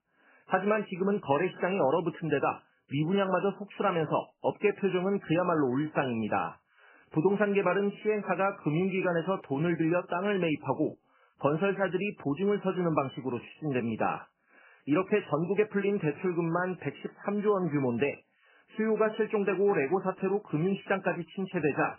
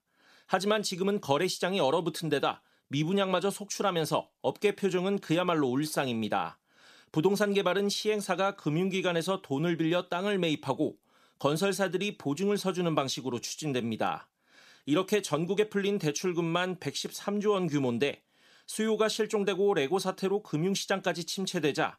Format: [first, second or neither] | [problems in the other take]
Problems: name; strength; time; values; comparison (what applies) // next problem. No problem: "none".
second | garbled, watery; badly; nothing above 3 kHz